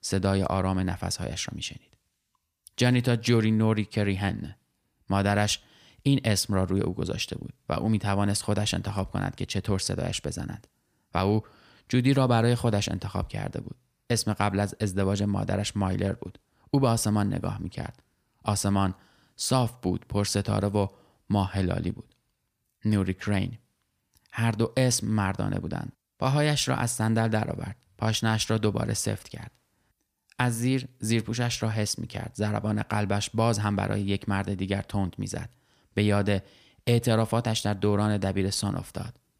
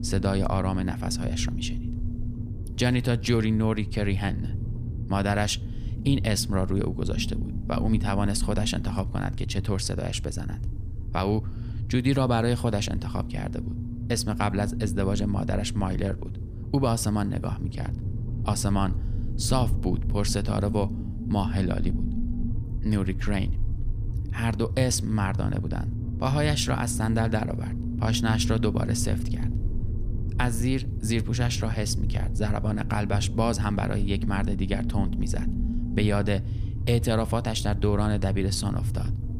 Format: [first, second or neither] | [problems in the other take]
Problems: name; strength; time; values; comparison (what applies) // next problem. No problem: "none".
first | low rumble; noticeable; throughout; 10 dB below the speech